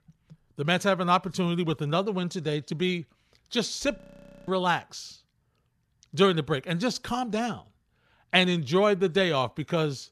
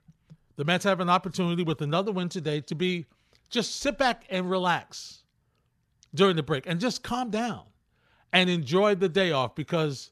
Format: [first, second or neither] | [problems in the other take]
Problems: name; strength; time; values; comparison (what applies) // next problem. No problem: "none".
second | audio freezing; at 4 s for 0.5 s